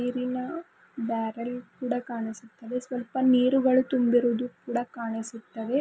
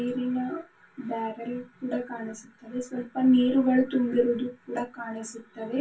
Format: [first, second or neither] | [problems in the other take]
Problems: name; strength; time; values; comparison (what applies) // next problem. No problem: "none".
first | room echo; dies away in 0.2 s